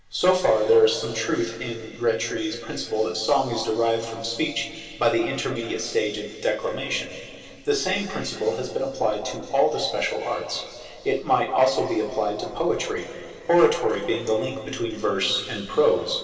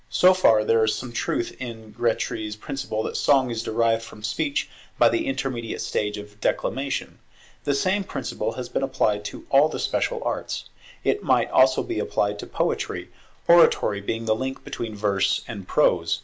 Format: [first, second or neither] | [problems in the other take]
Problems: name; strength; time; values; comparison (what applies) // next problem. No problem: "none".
second | room echo; dies away in 2.6 s